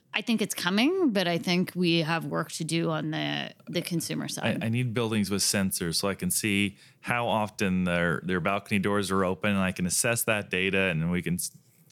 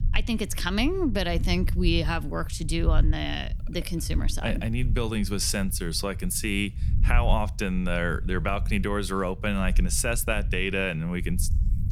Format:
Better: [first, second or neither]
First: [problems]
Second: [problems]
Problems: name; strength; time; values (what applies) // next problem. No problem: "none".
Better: first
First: none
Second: low rumble; noticeable; throughout; 20 dB below the speech